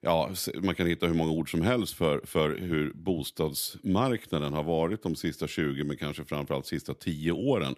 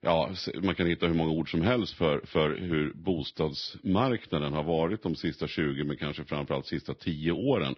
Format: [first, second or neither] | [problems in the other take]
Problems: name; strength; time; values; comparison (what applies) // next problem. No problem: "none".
first | garbled, watery; badly; nothing above 5.5 kHz